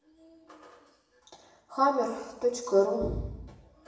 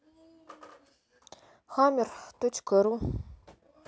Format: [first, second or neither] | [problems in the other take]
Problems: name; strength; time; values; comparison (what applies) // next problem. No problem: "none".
second | room echo; dies away in 0.9 s